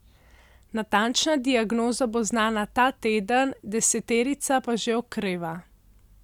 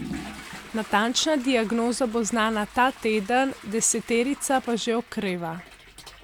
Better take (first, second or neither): first